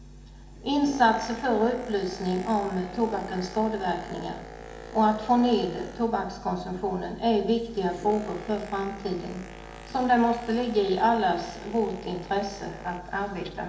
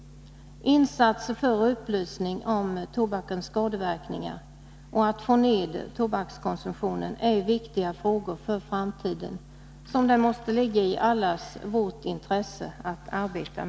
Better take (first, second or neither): second